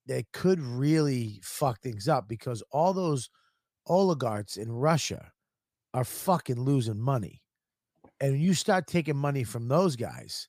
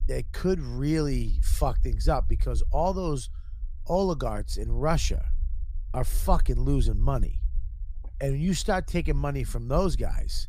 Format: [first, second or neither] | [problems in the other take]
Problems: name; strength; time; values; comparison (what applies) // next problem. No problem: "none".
first | low rumble; faint; throughout; 25 dB below the speech